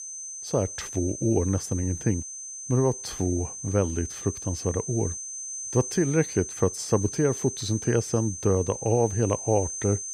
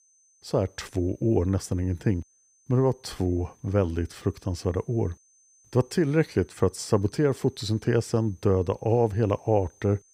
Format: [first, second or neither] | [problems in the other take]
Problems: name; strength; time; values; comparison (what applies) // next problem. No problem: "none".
second | high-pitched whine; loud; throughout; 6 kHz, 7 dB below the speech; faint in the second